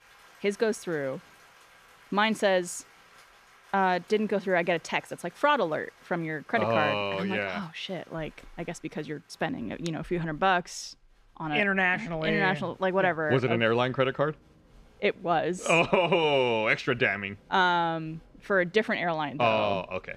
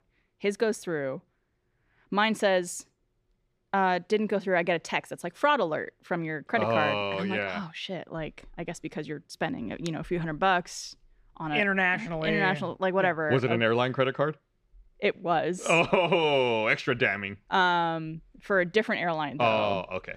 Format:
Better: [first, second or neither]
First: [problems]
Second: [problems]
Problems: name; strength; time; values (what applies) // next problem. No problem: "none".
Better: second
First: crowd noise; faint; throughout; 30 dB below the speech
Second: none